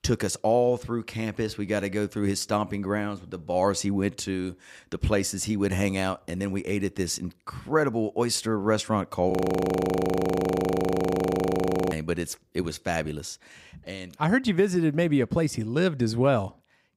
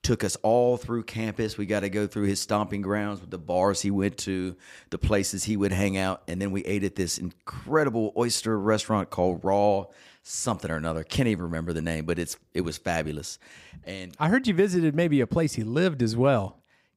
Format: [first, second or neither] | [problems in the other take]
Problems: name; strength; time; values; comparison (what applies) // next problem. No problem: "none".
second | audio freezing; at 9.5 s for 2.5 s